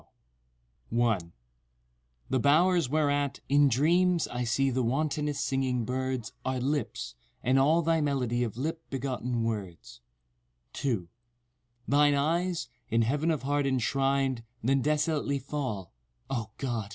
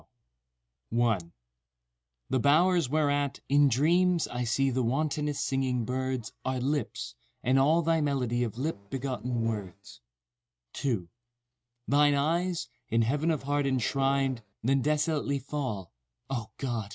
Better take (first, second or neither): first